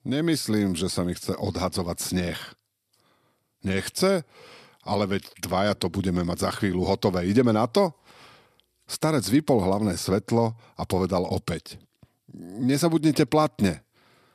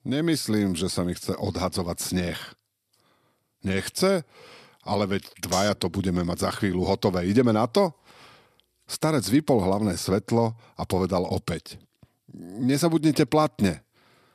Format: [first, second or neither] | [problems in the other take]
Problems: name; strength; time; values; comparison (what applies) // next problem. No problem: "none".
first | clattering dishes; noticeable; at 5.5 s; peak 6 dB below the speech